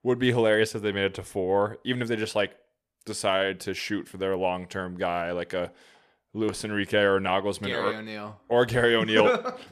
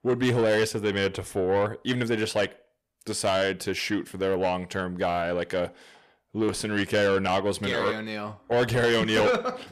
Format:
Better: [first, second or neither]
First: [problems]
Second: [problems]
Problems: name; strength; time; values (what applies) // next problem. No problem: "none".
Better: first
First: none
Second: distortion; slight; 10 dB below the speech